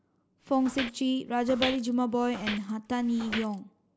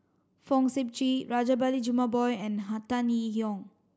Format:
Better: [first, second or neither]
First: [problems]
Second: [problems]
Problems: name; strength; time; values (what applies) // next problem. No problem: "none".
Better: second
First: background sound (Walk, footsteps); 10 dB below the speech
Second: none